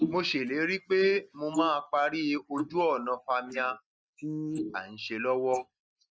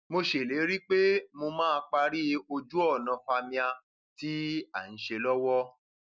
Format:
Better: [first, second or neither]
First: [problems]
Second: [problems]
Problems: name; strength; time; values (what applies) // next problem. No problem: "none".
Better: second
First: noise reduction (neural mask model Resemble Enhance denoiser)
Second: none